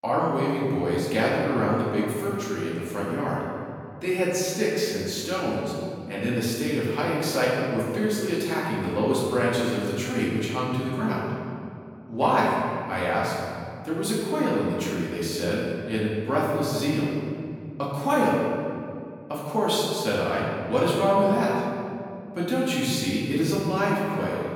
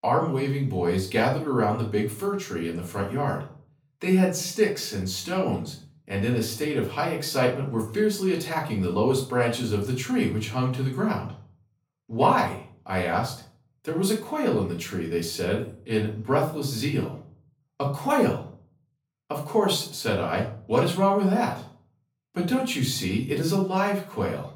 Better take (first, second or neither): second